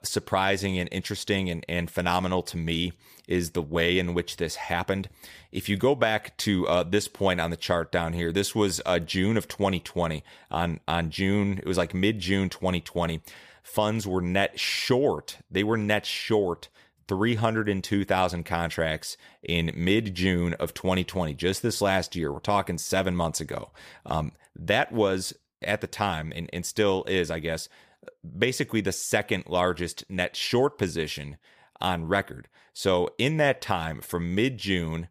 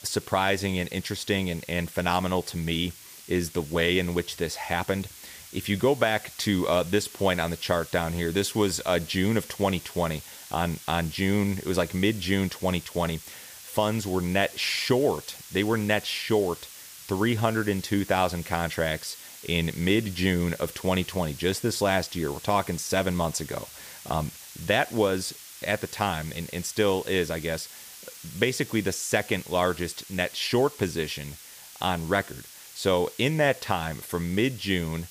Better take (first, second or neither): first